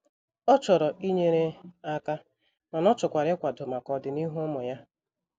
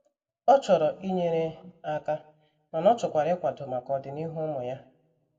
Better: first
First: none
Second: room echo; dies away in 0.3 s

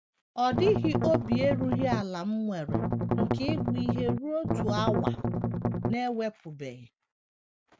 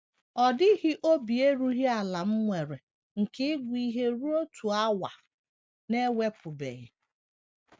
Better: second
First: background sound (Strum); 3 dB above the speech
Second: none

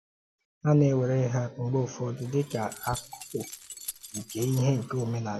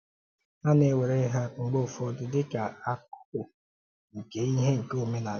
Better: second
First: background sound (Keys jangling); 15 dB below the speech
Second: none

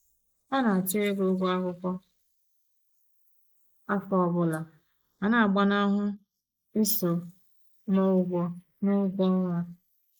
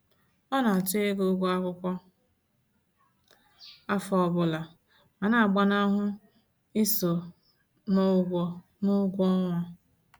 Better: second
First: noise reduction (neural mask model Resemble Enhance denoiser)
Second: none

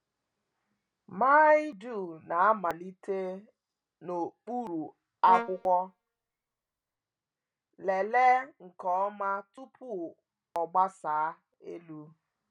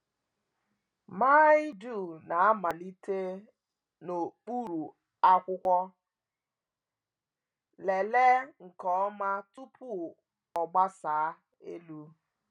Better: second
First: background sound (Brass instrument); 10 dB below the speech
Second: none

